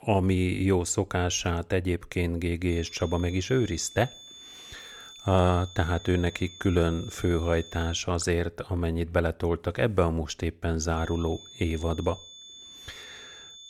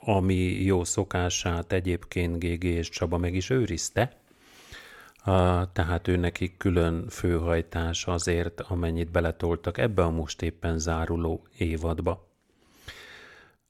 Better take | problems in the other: second | high-pitched whine; noticeable; from 2.5 to 8 s and from 11 s on; 3.5 kHz, 15 dB below the speech

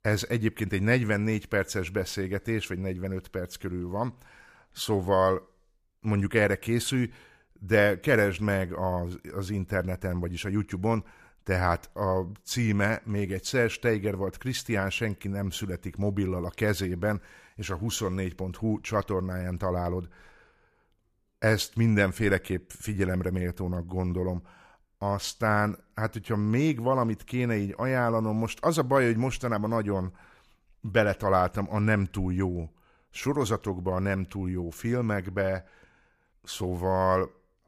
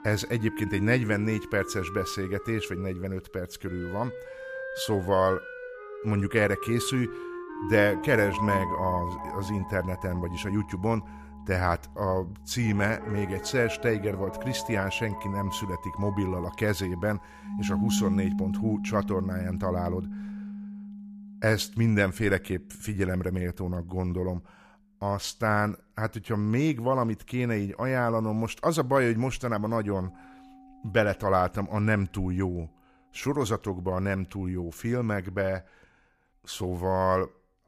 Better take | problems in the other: first | background music; loud; throughout; 8 dB below the speech

